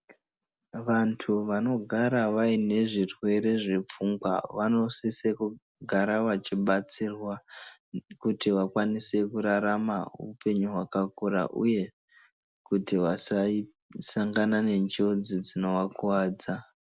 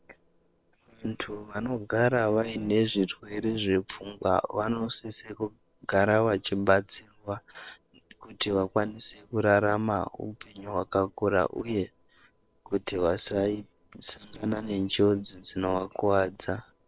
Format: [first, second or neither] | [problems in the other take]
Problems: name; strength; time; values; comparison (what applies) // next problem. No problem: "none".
first | noise reduction (neural separator model SepFormer WHAM!)